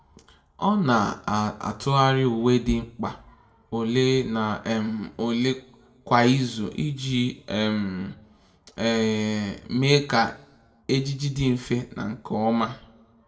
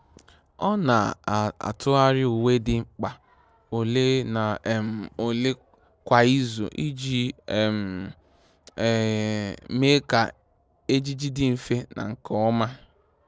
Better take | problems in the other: second | room echo; dies away in 0.3 s

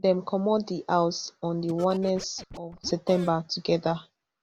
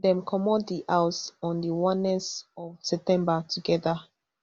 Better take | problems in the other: second | background sound (Scratching (performance technique)); 17 dB below the speech

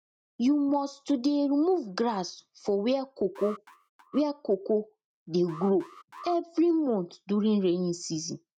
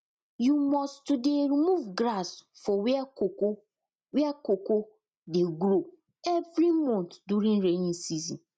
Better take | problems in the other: second | noise reduction (neural mask model RNNoise)

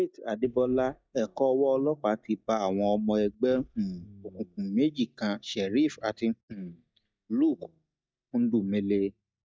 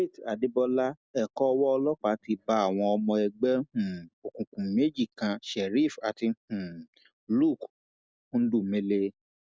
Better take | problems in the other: second | noise reduction (neural mask model DeepFilterNet 3)

